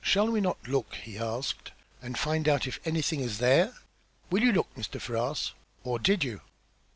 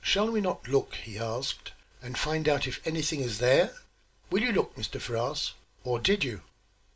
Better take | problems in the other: first | room echo; dies away in 0.2 s

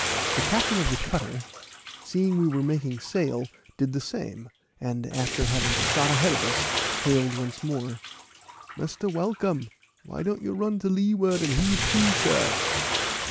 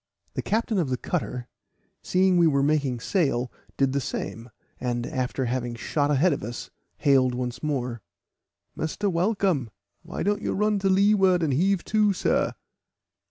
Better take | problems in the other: second | background sound (Bathtub (filling or washing) + Run); 3 dB below the speech

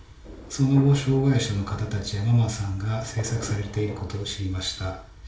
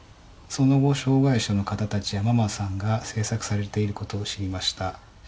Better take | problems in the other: second | background sound (Thunder); 18 dB below the speech // room echo; dies away in 0.4 s

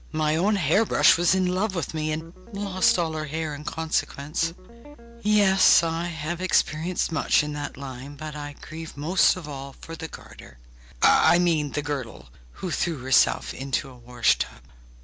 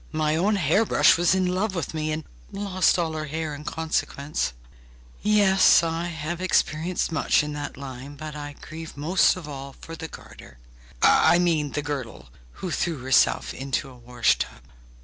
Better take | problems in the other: second | background sound (Guitar); 17 dB below the speech

